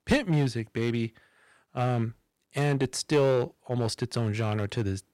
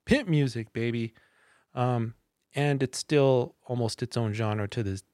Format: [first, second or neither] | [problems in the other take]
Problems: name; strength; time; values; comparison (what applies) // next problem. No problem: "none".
second | distortion; slight; 3% of the sound clipped